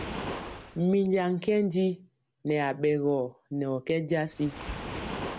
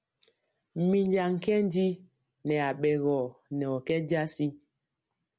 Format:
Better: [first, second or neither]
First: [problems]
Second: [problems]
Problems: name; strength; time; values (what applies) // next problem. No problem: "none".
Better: second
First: background sound (Waves, surf); 12 dB below the speech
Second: none